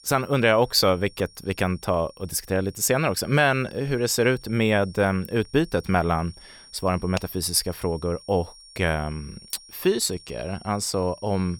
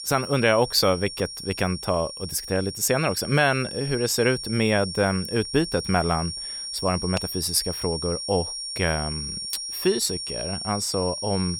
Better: first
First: high-pitched whine; faint; throughout; 5.5 kHz, 25 dB below the speech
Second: high-pitched whine; loud; throughout; 5.5 kHz, 6 dB below the speech

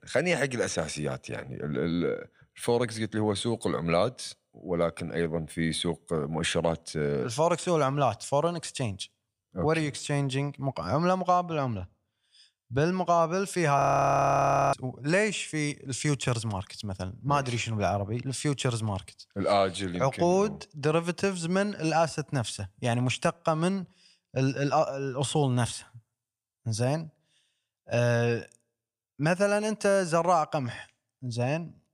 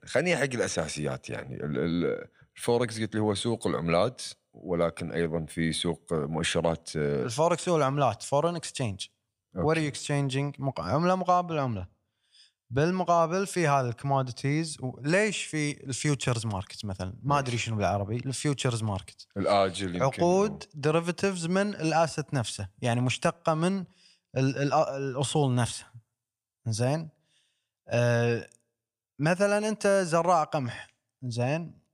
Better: second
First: audio freezing; at 14 s for 1 s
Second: none

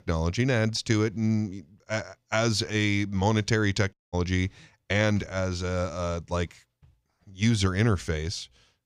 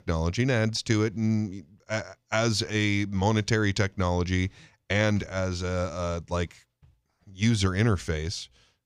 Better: second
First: audio cutting out; at 4 s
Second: none

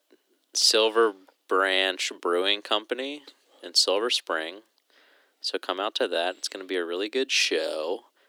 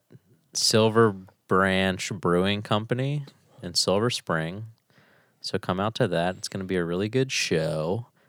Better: second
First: thin; somewhat; fading below 300 Hz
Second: none

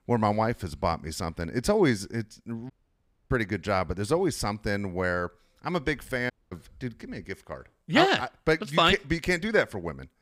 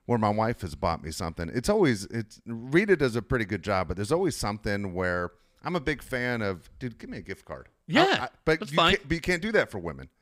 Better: second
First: audio cutting out; at 2.5 s for 0.5 s and at 6.5 s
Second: none

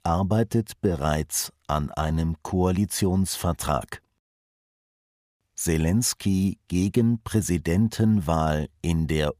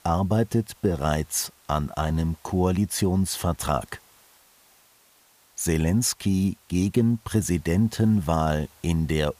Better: first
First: none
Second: hiss; faint; throughout; 30 dB below the speech

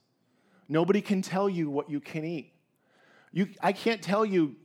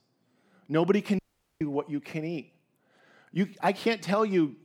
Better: first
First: none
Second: audio cutting out; at 1 s

